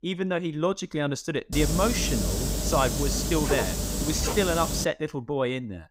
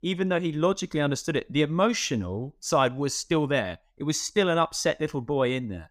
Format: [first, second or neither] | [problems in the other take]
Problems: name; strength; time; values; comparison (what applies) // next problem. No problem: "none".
second | hiss; loud; from 1.5 to 5 s; 1 dB below the speech